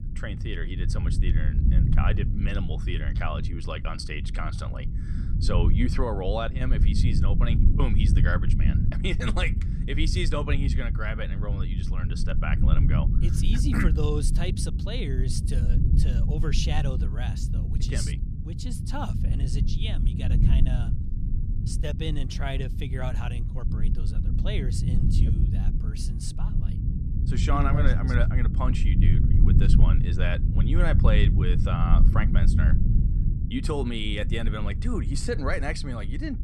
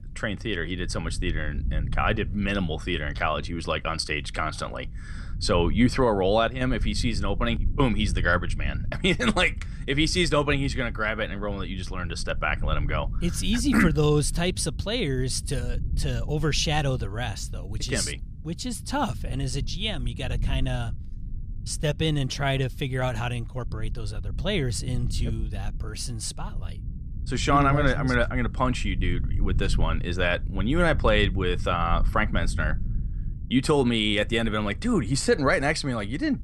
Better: second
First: low rumble; loud; throughout; 6 dB below the speech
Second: low rumble; faint; throughout; 20 dB below the speech

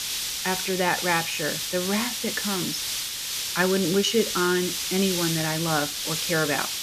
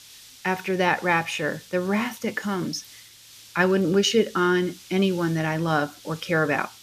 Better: second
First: hiss; loud; throughout; 1 dB below the speech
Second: hiss; faint; throughout; 20 dB below the speech

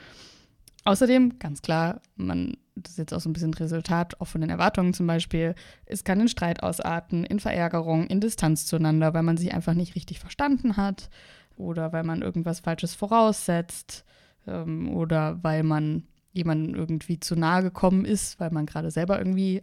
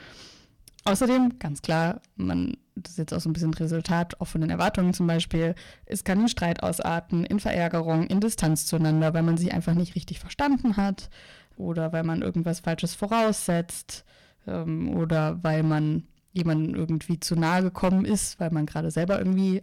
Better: first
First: none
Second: distortion; slight; 6% of the sound clipped

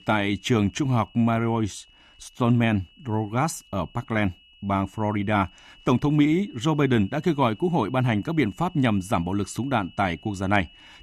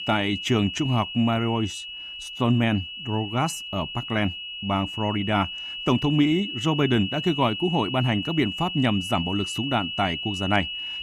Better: first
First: high-pitched whine; faint; throughout; 3 kHz, 25 dB below the speech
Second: high-pitched whine; loud; throughout; 3 kHz, 6 dB below the speech

